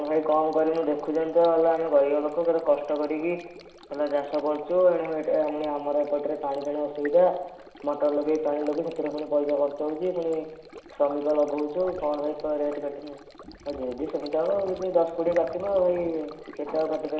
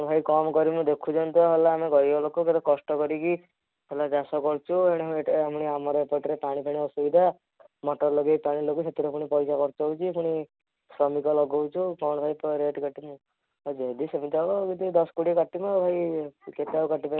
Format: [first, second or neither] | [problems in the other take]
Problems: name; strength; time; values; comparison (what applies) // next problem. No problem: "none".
second | background sound (Stream); 20 dB below the speech // room echo; dies away in 0.9 s